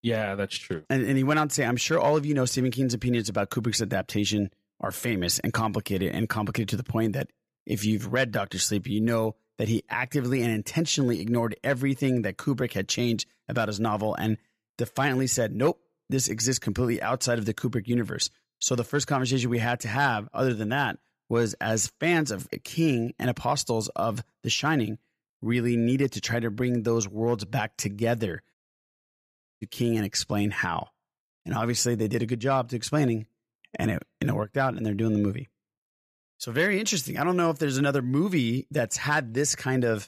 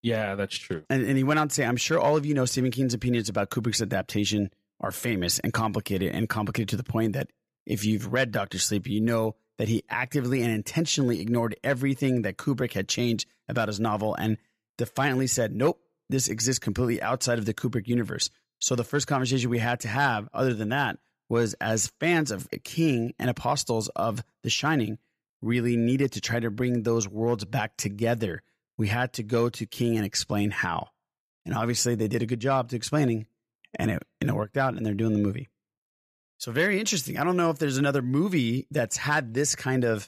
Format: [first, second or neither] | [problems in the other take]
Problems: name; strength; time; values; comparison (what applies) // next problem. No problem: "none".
second | audio cutting out; at 29 s for 1 s